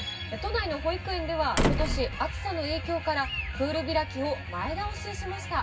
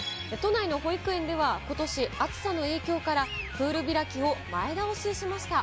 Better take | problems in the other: second | background sound (Slam); 1 dB below the speech // room echo; dies away in 0.4 s

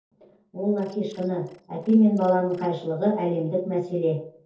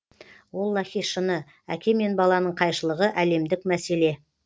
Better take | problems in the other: second | noise reduction (neural separator model SepFormer DNS4)

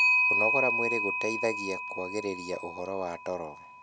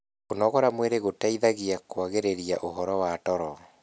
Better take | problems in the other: second | background sound (Clock); 4 dB above the speech

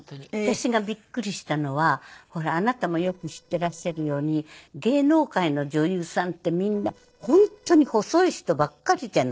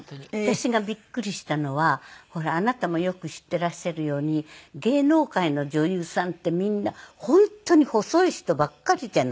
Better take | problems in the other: second | noise reduction (neural separator model SepFormer DNS4)

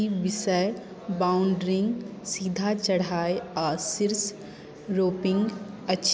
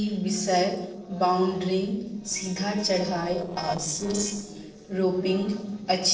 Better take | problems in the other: first | noise reduction (neural separator model SepFormer DNS4)

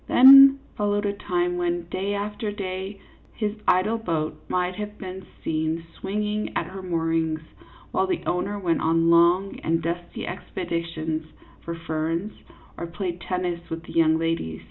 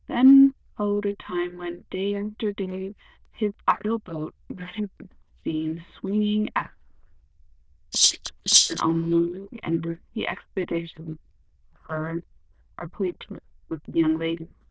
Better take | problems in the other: first | noise reduction (neural diffusion model UNIVERSE++)

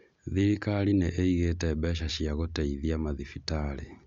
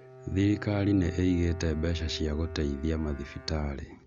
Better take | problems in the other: first | background sound (Bowed string instrument); 15 dB below the speech

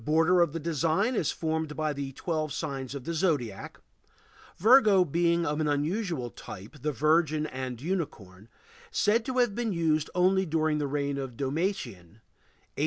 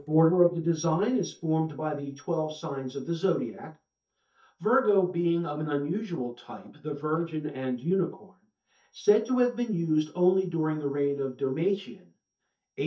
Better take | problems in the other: first | noise reduction (neural mask model DeepFilterNet 3)

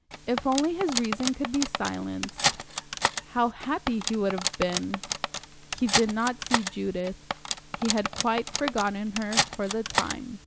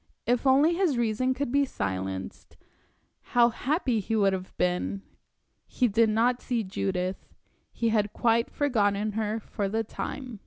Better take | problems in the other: second | background sound (Cutlery, silverware); 2 dB below the speech

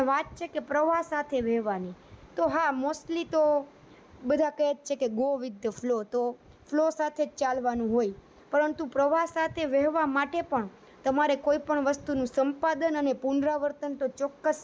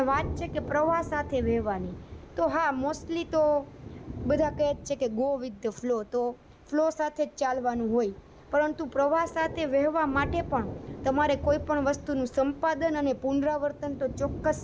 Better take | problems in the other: first | background sound (Thunder); 12 dB below the speech

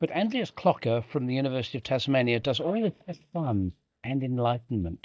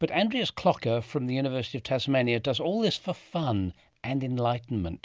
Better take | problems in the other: second | noise reduction (neural mask model DeepFilterNet 3)

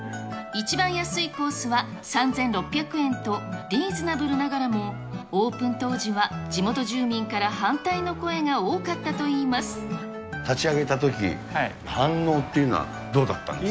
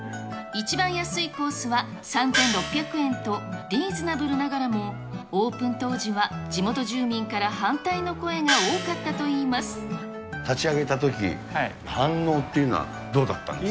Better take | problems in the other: first | background sound (Gong); 2 dB below the speech

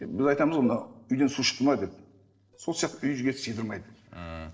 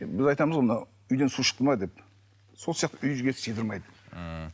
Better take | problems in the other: second | noise reduction (neural separator model SepFormer DNS4)

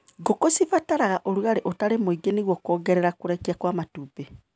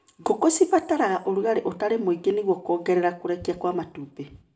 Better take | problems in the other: first | room echo; dies away in 0.4 s

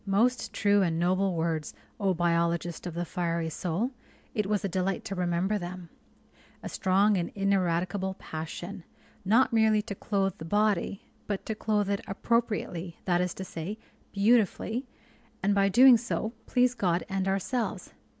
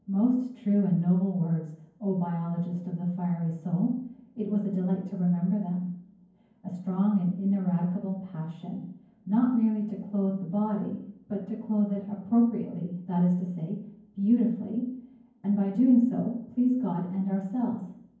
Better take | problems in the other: first | room echo; dies away in 0.9 s

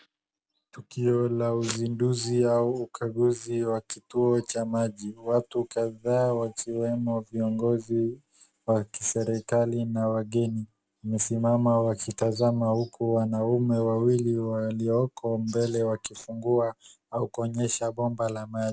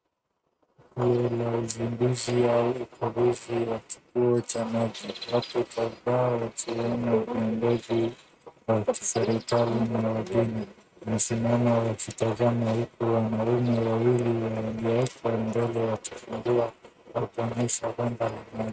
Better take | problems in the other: first | noise reduction (neural mask model RNNoise)

